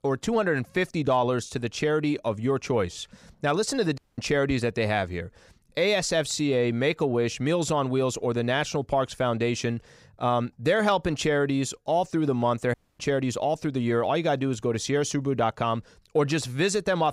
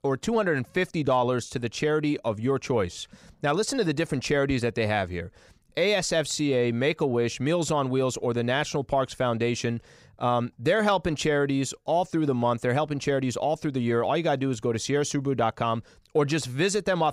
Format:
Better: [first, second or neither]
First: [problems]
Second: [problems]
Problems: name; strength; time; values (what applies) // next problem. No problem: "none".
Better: second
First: audio cutting out; at 4 s and at 13 s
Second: none